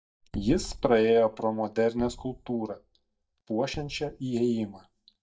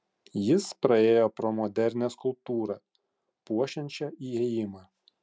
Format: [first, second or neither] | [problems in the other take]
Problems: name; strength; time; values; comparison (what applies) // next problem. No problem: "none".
second | noise reduction (neural mask model DeepFilterNet 3)